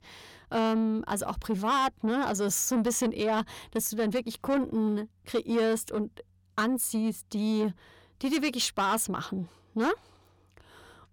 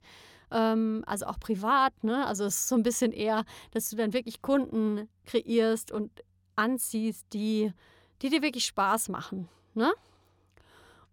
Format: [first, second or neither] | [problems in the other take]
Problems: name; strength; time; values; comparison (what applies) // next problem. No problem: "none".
second | distortion; slight; 10 dB below the speech